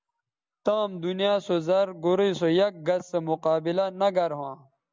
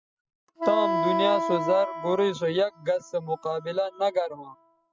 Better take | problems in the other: first | noise reduction (classical method spectral subtraction)

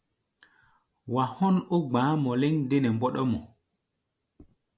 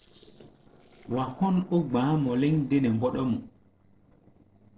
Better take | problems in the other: first | noise reduction (neural separator model SepFormer DNS4)

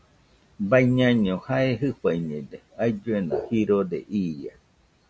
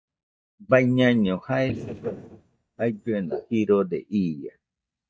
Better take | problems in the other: first | noise reduction (neural mask model DeepFilterNet 3)

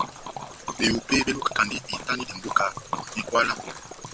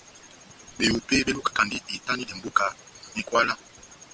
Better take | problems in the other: second | background sound (Liquid); 8 dB below the speech

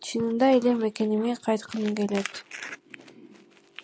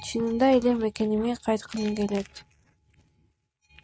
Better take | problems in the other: first | noise reduction (neural mask model RNNoise)

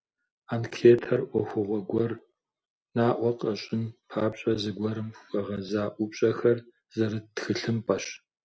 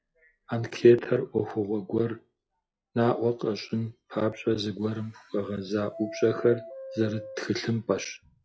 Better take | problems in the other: first | noise reduction (classical method log-MMSE)

